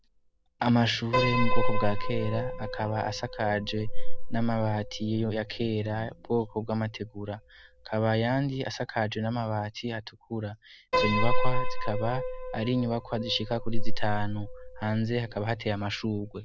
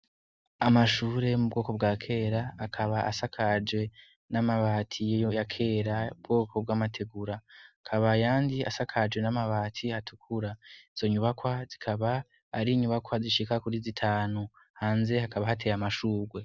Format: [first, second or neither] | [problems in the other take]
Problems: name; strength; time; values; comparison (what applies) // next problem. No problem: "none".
second | background sound (Piano); 3 dB above the speech